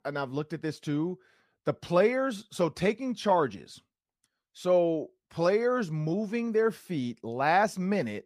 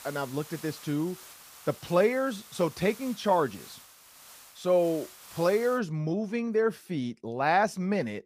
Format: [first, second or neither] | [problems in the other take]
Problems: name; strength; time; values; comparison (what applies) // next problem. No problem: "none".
first | hiss; noticeable; until 6 s; 20 dB below the speech